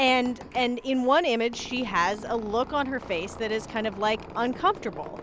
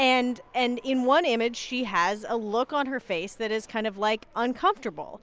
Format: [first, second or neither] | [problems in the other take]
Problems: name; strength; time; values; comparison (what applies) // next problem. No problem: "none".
second | background sound (Squeak); 16 dB below the speech